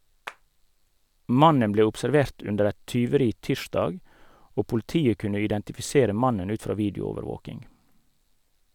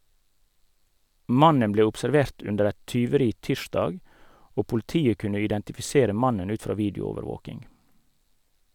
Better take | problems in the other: second | background sound (Clapping); 16 dB below the speech

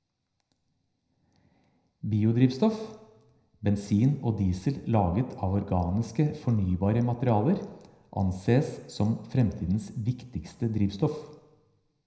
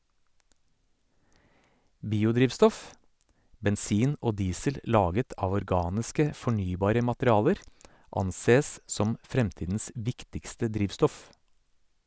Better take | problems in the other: second | room echo; dies away in 0.7 s

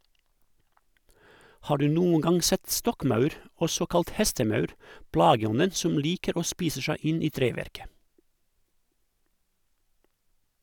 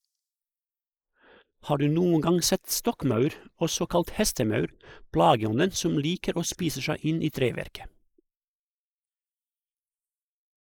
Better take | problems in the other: first | noise reduction (neural mask model Resemble Enhance denoiser)

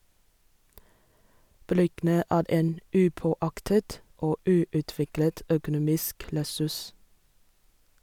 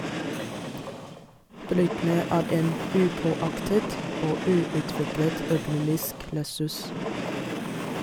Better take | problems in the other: first | background sound (Train); 4 dB below the speech

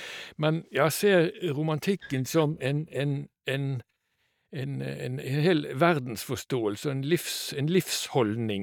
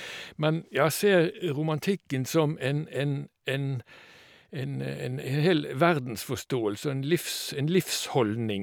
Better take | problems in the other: second | noise reduction (neural mask model DeepFilterNet 3)

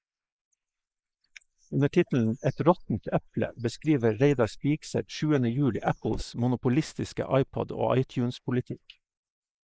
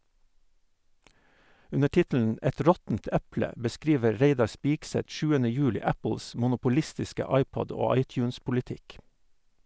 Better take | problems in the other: second | noise reduction (neural mask model Resemble Enhance denoiser)

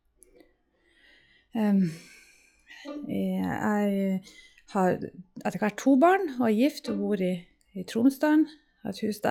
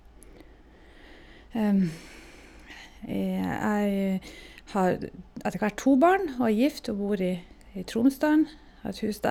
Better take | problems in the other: second | noise reduction (classical method log-MMSE)

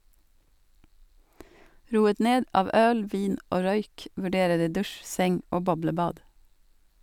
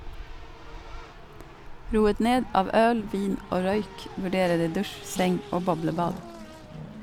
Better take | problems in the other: first | background sound (Race car, auto racing); 12 dB below the speech

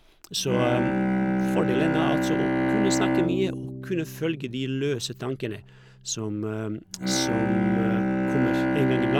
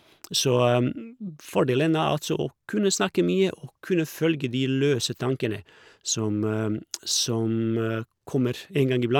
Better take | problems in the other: second | background sound (Bowed string instrument); 3 dB above the speech

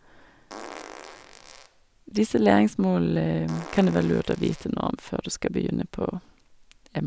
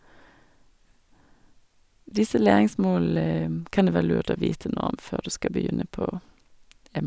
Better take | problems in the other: second | background sound (Fart); 18 dB below the speech

